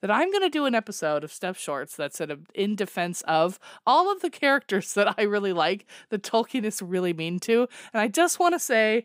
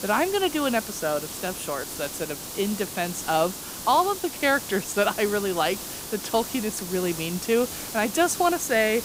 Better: first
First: none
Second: hiss; loud; throughout; 8 dB below the speech

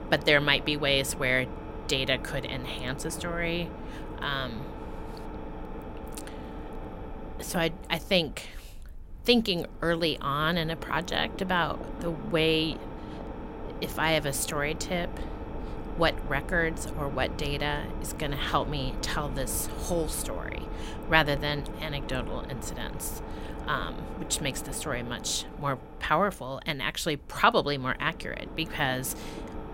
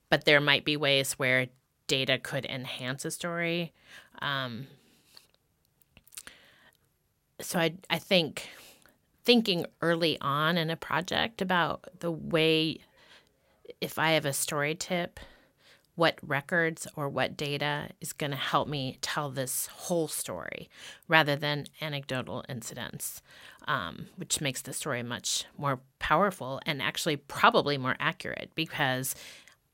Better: second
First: low rumble; noticeable; throughout; 15 dB below the speech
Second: none

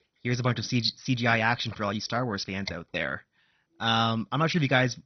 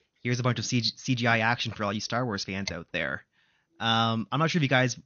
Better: second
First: garbled, watery; badly; nothing above 6 kHz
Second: garbled, watery; slightly; nothing above 6.5 kHz

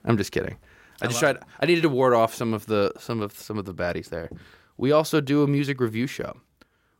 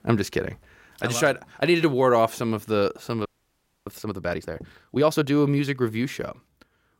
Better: first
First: none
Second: audio freezing; at 3.5 s for 0.5 s

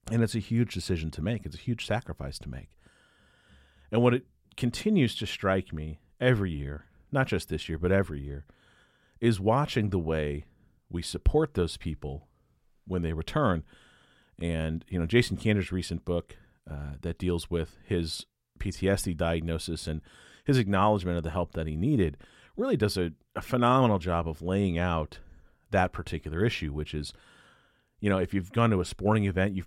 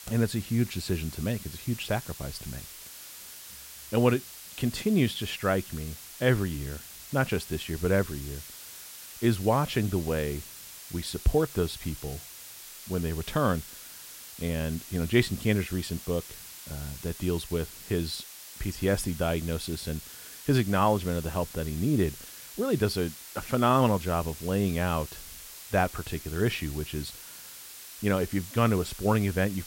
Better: first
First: none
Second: hiss; noticeable; throughout; 15 dB below the speech

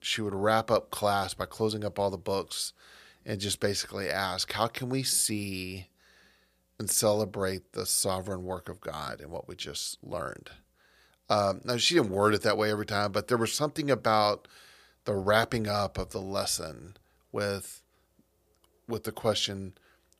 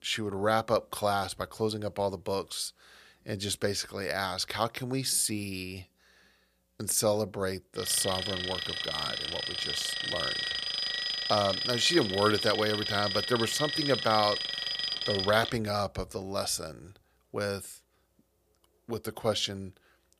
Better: first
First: none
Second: alarm; loud; from 8 to 16 s; peak 1 dB above the speech

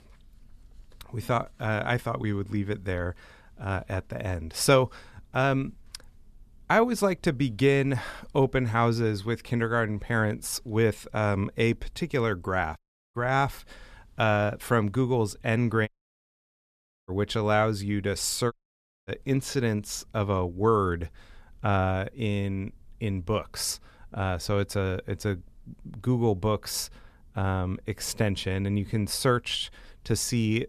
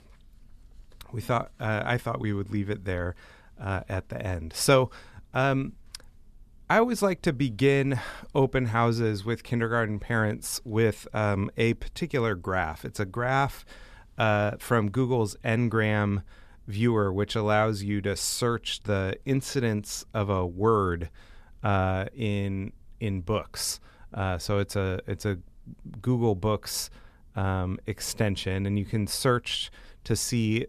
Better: second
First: audio cutting out; at 13 s, at 16 s for 1 s and at 19 s for 0.5 s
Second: none

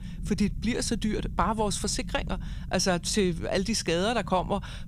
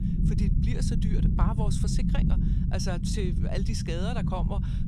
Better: first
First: low rumble; faint; throughout; 25 dB below the speech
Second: low rumble; loud; throughout; 2 dB below the speech

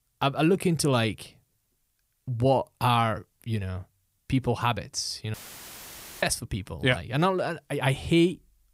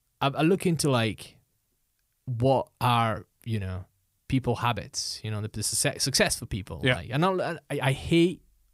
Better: second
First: audio cutting out; filled with static; at 5.5 s for 1 s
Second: none

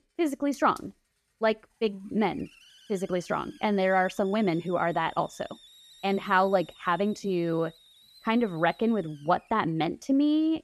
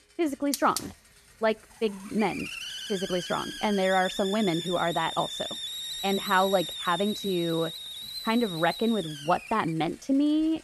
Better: first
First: hiss; faint; throughout; 25 dB below the speech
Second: hiss; loud; throughout; 7 dB below the speech

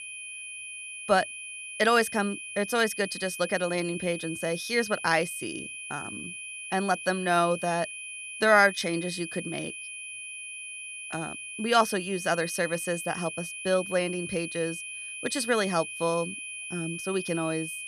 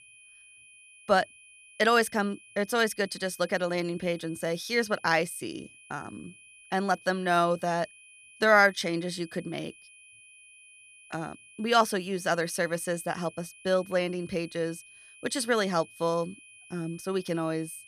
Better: second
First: high-pitched whine; loud; throughout; 2.5 kHz, 9 dB below the speech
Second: high-pitched whine; faint; throughout; 2.5 kHz, 25 dB below the speech

